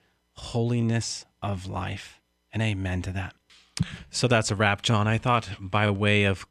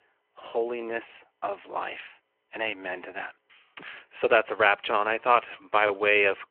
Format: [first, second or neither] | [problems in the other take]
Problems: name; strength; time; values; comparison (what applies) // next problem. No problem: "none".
first | phone-call audio